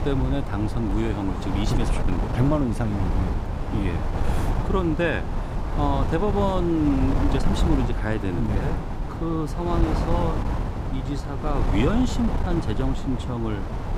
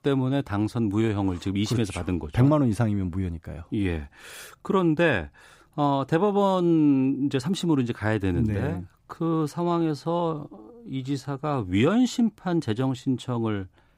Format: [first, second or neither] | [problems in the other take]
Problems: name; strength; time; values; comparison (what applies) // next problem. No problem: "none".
second | wind noise on the microphone; heavy; 4 dB below the speech